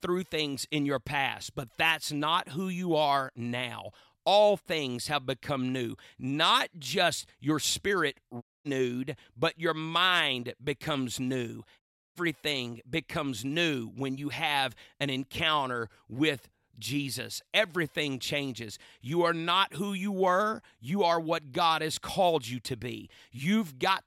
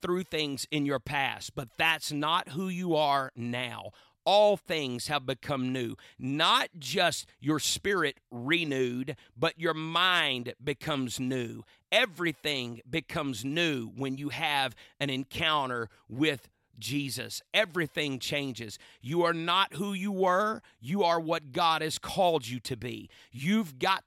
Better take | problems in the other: second | audio cutting out; at 8.5 s and at 12 s

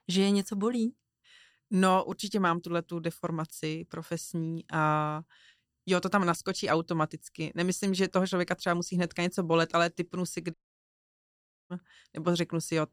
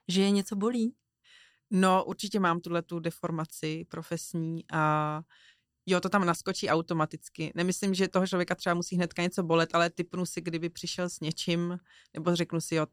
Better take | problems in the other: second | audio cutting out; at 11 s for 1 s

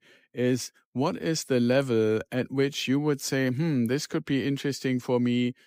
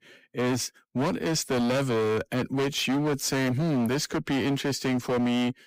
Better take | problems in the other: first | distortion; heavy; 27% of the sound clipped

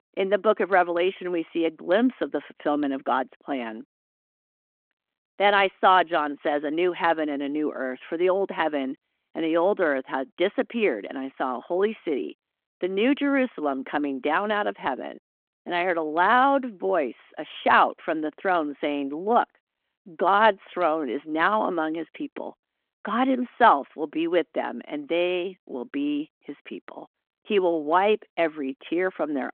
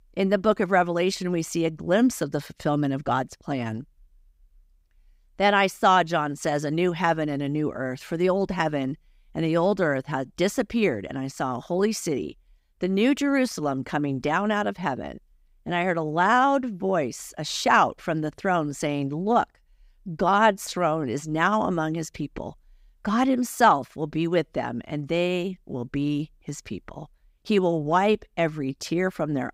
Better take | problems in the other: second | phone-call audio

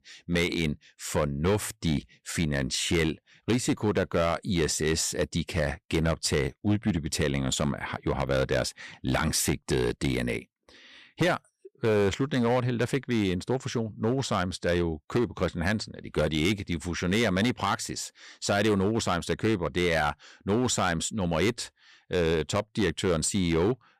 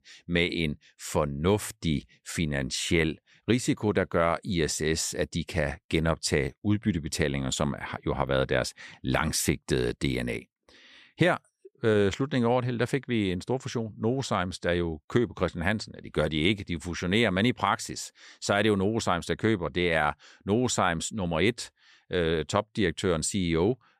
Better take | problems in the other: second | distortion; slight; 7% of the sound clipped

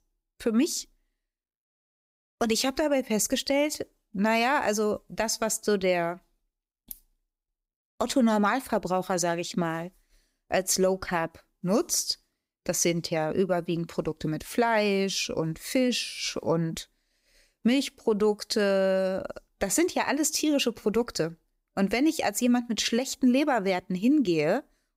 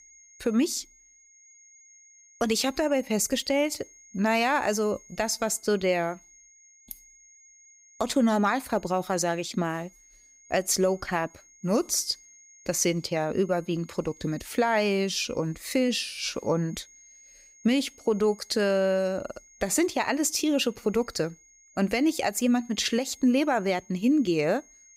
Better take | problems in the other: first | high-pitched whine; faint; throughout; 6.5 kHz, 25 dB below the speech

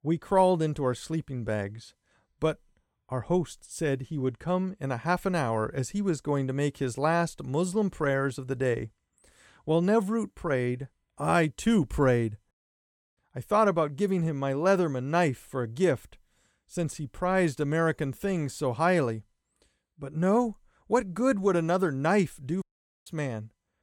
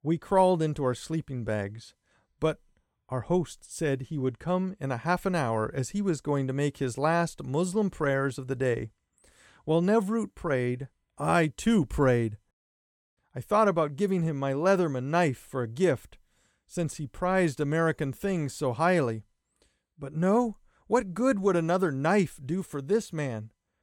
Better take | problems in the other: second | audio cutting out; at 23 s

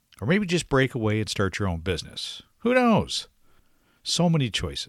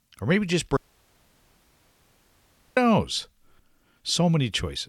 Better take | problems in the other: first | audio cutting out; at 1 s for 2 s

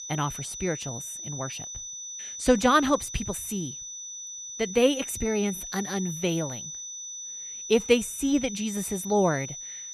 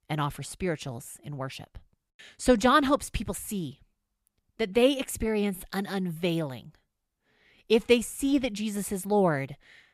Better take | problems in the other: second | high-pitched whine; loud; throughout; 6 kHz, 9 dB below the speech

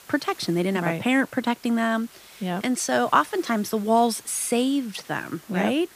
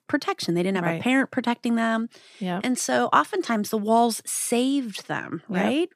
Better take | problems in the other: second | hiss; faint; throughout; 25 dB below the speech

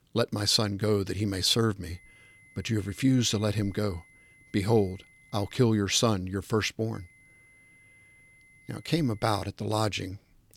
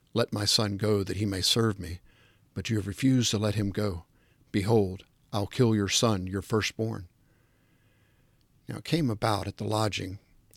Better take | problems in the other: second | high-pitched whine; faint; from 2 to 5.5 s and from 7 to 9.5 s; 2 kHz, 30 dB below the speech

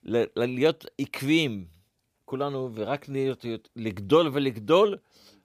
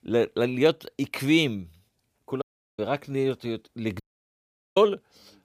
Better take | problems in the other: first | audio cutting out; at 2.5 s and at 4 s for 1 s

